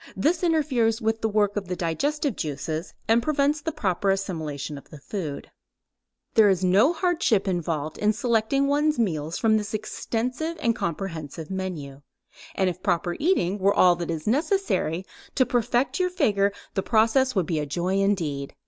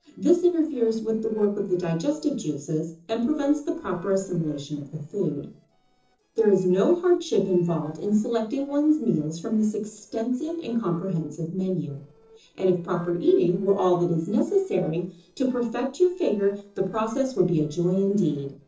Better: first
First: none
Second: noise reduction (neural separator model SepFormer DNS4)

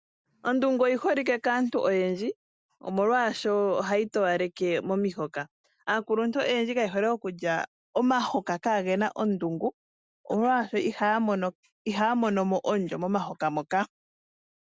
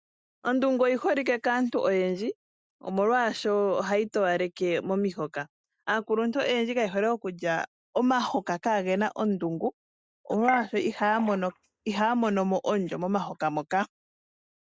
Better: first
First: none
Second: noise reduction (neural mask model DeepFilterNet 3)

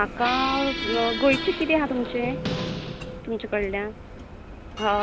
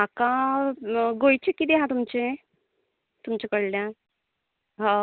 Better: second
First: background sound (Squeak + Bell); 5 dB below the speech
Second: none

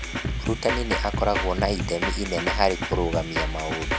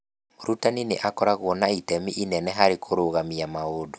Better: second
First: background sound (Drum kit); as loud as the speech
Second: none

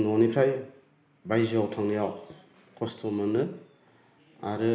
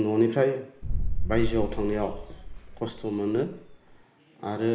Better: first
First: none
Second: background sound (Boom); 1 dB below the speech

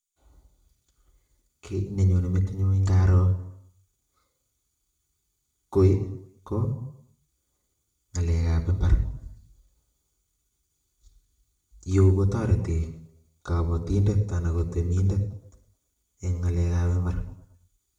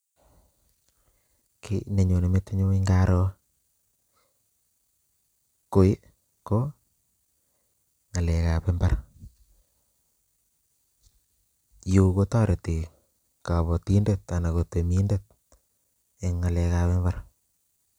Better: second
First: room echo; dies away in 0.7 s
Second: none

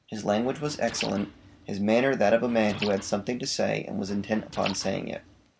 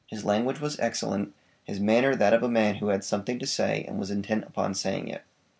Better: second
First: background sound (Liquid); 16 dB below the speech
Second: none

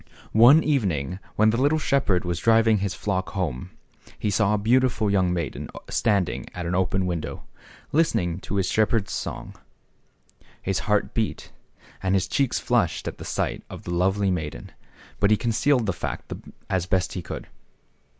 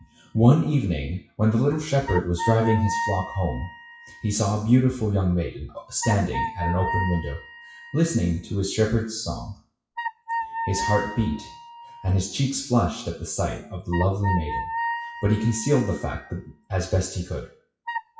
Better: first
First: none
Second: noise reduction (classical method WPE with log-MMSE)

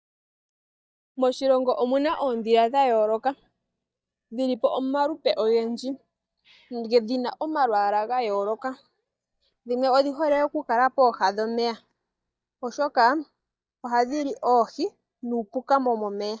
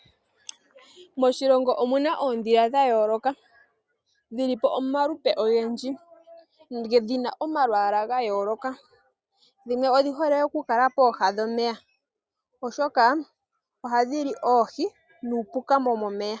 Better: second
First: noise reduction (neural mask model DeepFilterNet 3)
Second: none

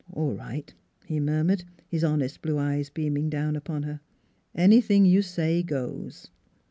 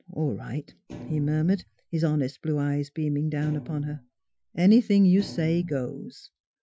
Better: first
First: none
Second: noise reduction (classical method Wiener filter)

